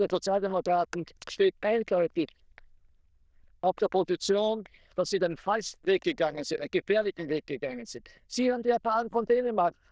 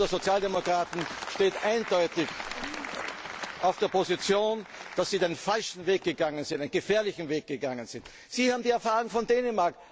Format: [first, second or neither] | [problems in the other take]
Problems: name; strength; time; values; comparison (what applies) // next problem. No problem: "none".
second | noise reduction (neural diffusion model UNIVERSE++)